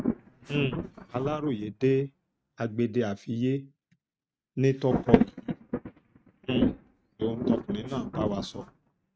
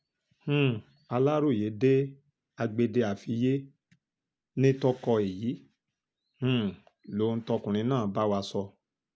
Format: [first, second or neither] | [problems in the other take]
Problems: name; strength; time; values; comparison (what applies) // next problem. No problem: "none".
second | noise reduction (neural mask model RNNoise)